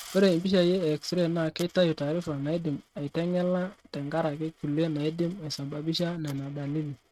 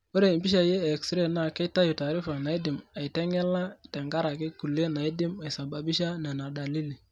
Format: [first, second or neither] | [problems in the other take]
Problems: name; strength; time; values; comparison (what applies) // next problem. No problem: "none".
second | noise reduction (neural mask model RNNoise)